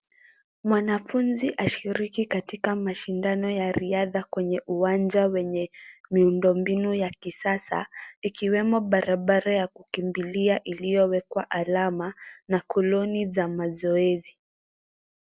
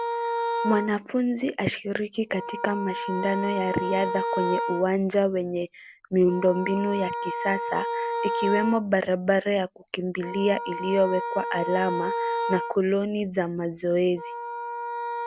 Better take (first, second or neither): first